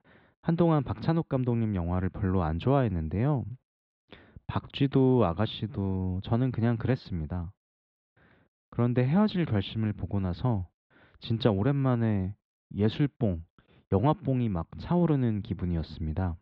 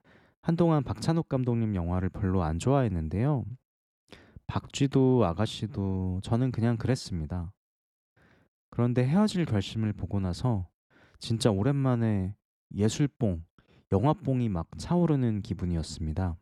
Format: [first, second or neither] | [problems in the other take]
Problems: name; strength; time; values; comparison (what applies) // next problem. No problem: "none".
second | muffled; slightly; fading above 3.5 kHz